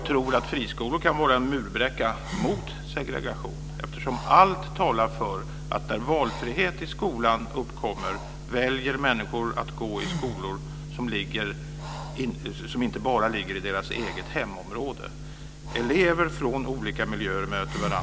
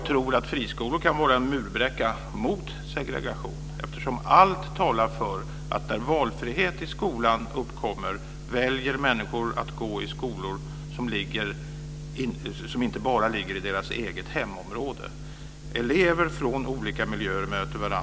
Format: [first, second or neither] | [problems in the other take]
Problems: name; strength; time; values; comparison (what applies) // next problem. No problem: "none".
second | background sound (Breathing); 16 dB below the speech